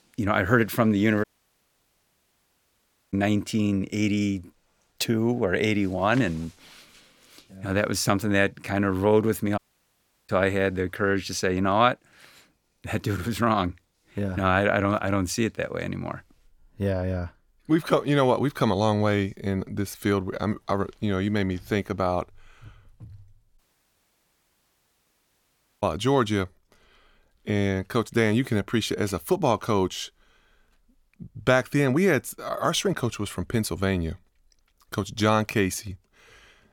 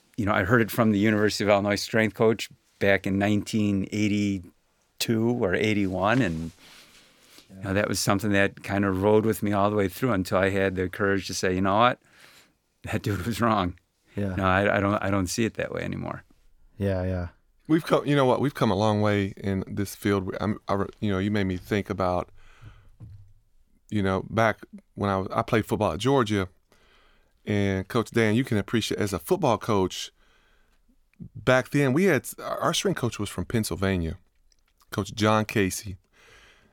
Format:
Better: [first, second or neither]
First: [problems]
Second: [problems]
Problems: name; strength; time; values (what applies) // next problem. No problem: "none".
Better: second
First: audio cutting out; at 1 s for 2 s, at 9.5 s for 0.5 s and at 24 s for 2 s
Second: none